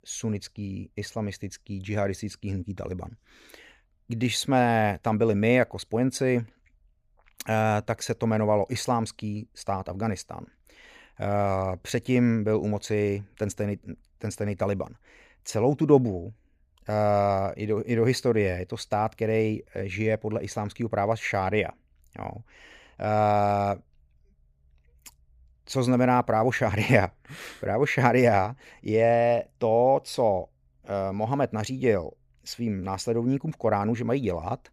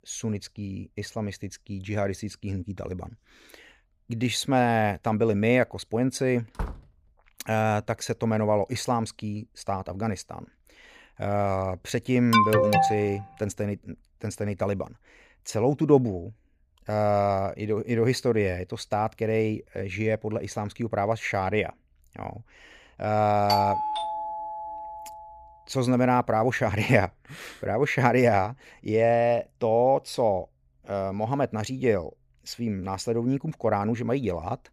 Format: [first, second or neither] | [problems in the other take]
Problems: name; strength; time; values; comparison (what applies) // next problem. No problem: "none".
first | door banging; faint; at 6.5 s; peak 10 dB below the speech // alarm; loud; at 12 s; peak 5 dB above the speech // doorbell; loud; from 23 to 25 s; peak 1 dB above the speech